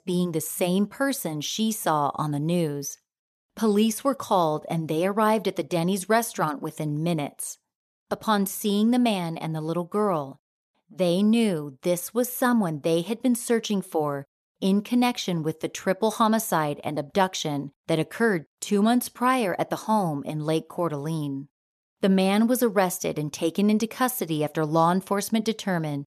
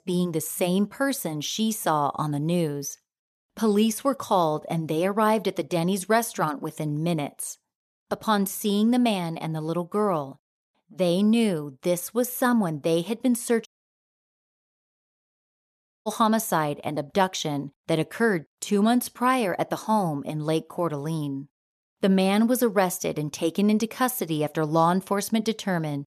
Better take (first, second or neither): first